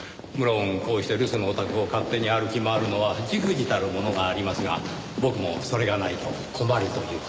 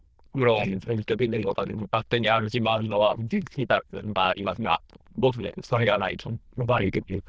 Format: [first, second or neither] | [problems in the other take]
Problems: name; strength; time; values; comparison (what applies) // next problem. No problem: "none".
first | noise reduction (neural diffusion model UNIVERSE++)